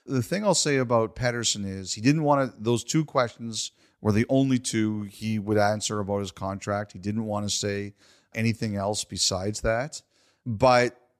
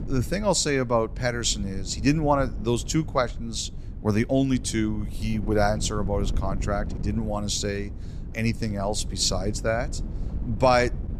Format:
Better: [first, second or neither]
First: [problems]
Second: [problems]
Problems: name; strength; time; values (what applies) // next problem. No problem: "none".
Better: first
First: none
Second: wind noise on the microphone; occasional gusts; 20 dB below the speech